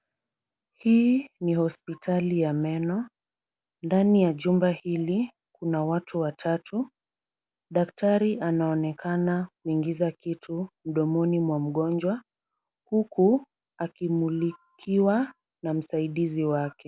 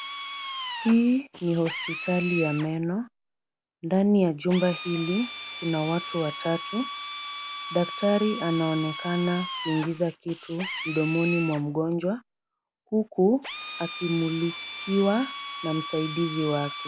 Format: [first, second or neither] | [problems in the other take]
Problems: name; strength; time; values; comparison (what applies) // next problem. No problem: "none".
first | background sound (Drill); 10 dB below the speech